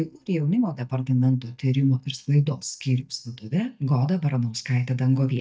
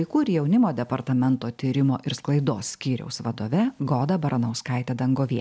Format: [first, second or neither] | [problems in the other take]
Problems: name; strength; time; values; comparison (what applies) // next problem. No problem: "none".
second | noise reduction (neural mask model DeepFilterNet 3)